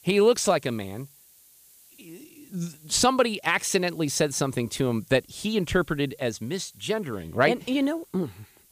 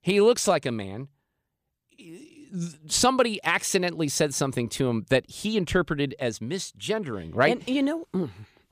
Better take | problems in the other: second | hiss; faint; throughout; 25 dB below the speech

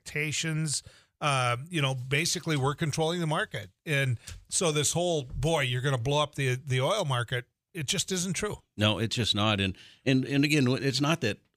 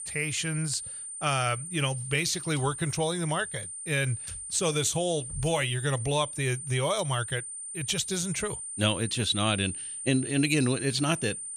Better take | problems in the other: first | high-pitched whine; loud; throughout; 9 kHz, 7 dB below the speech

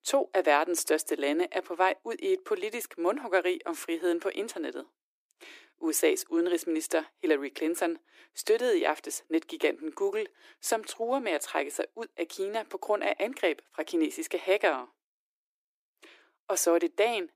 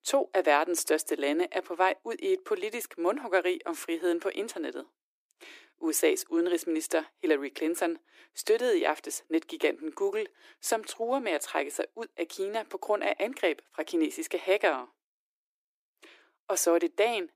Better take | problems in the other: neither | thin; very; fading below 300 Hz; the same in both

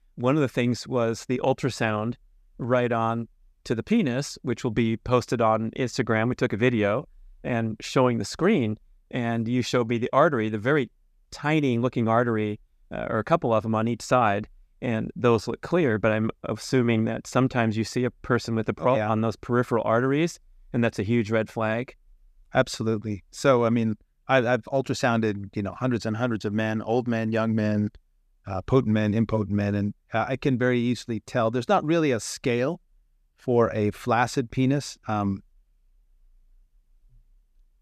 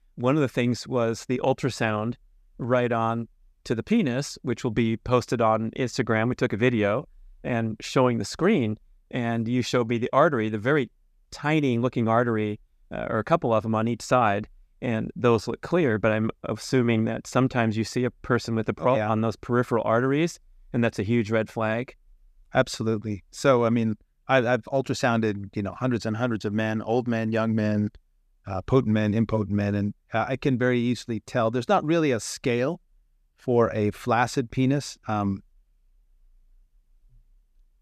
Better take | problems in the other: neither | none

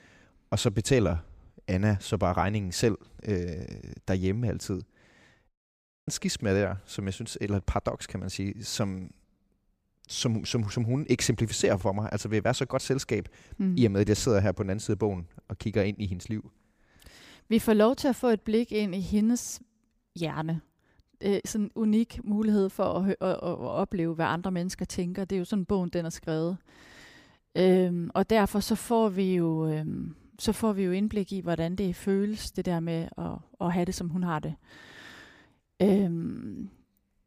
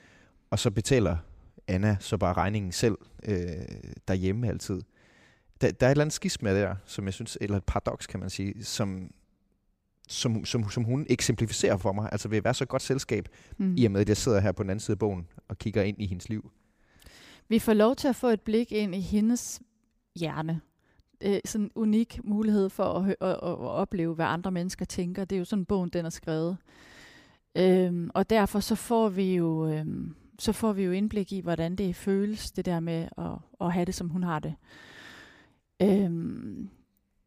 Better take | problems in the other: second | audio cutting out; at 5.5 s for 0.5 s

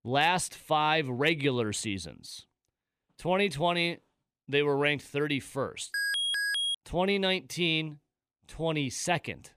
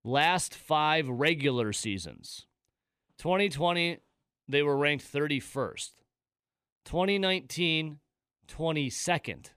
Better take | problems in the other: second | alarm; loud; at 6 s; peak 2 dB above the speech

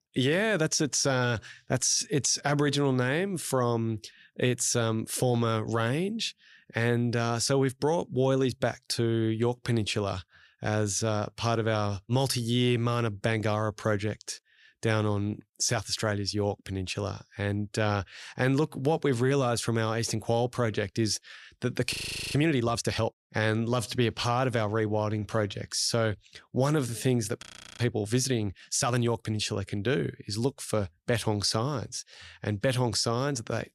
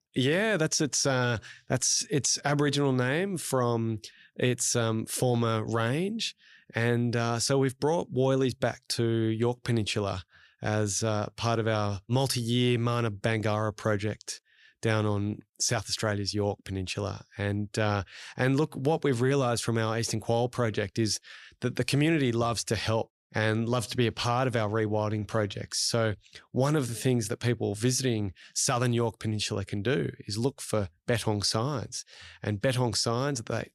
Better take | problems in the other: second | audio freezing; at 22 s and at 27 s

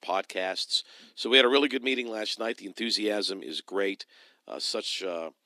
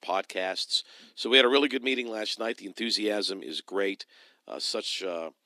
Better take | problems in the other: neither | thin; very slightly; fading below 250 Hz; the same in both

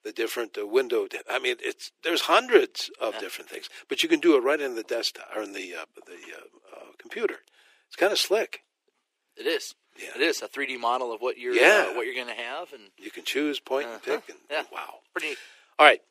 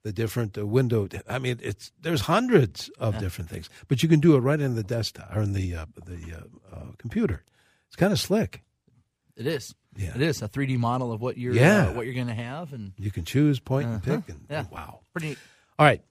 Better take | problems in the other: second | thin; very; fading below 350 Hz

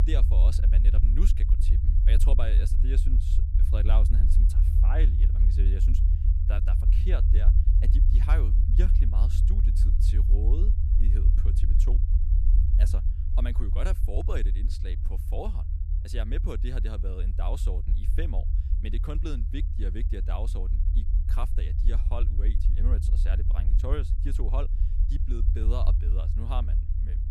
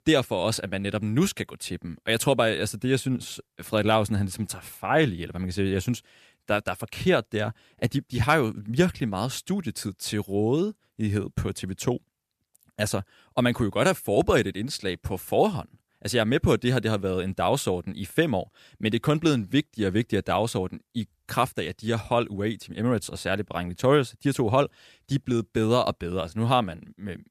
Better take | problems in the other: second | low rumble; loud; throughout; 4 dB below the speech

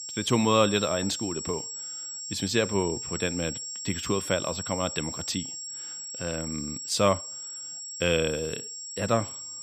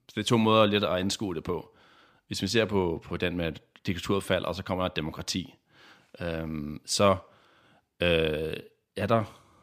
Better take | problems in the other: second | high-pitched whine; loud; throughout; 7.5 kHz, 6 dB below the speech

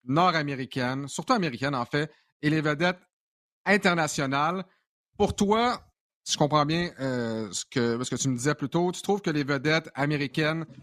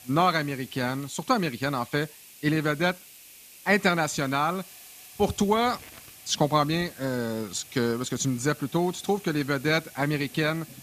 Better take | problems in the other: first | hiss; noticeable; throughout; 20 dB below the speech

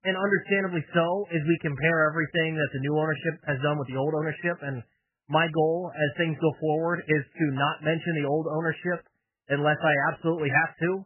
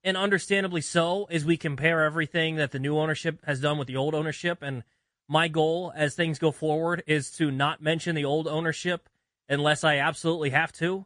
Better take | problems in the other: second | garbled, watery; badly; nothing above 3 kHz; slightly in the second

